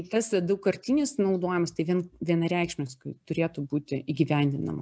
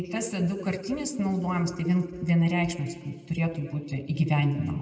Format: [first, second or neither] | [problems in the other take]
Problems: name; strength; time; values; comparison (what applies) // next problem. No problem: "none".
first | room echo; dies away in 1.6 s